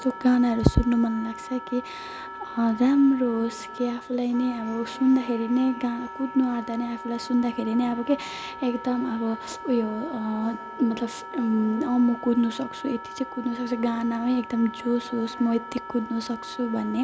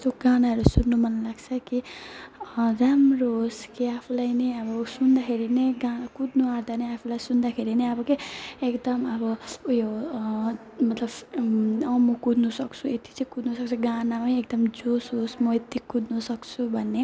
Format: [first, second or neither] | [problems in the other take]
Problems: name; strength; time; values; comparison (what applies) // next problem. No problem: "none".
second | background sound (Wind instrument, woodwind instrument); 13 dB below the speech